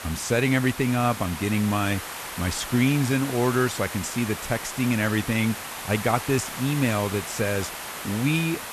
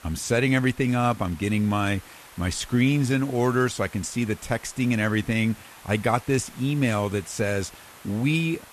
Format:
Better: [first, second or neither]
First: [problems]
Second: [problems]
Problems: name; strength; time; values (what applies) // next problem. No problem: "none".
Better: second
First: hiss; loud; throughout; 8 dB below the speech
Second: hiss; faint; throughout; 20 dB below the speech